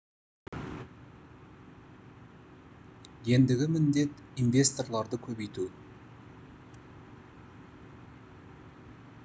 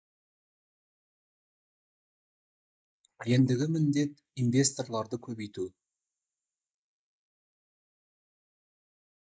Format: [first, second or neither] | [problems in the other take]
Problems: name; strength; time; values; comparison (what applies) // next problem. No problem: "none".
first | noise reduction (neural mask model Resemble Enhance denoiser)